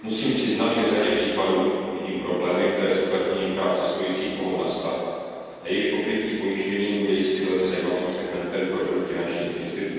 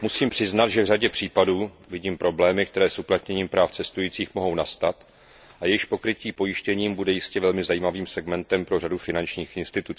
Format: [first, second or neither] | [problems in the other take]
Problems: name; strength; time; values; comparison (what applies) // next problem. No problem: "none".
second | room echo; dies away in 2.1 s